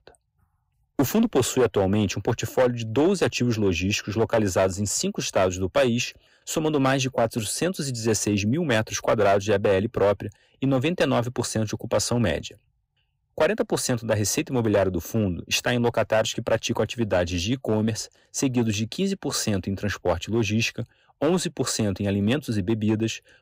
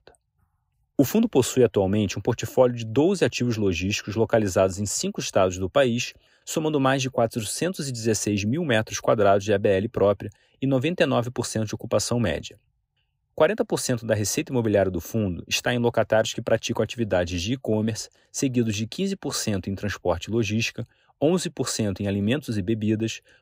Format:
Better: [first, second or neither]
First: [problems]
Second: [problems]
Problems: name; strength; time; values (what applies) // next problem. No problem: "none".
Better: second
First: distortion; slight; 4% of the sound clipped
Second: none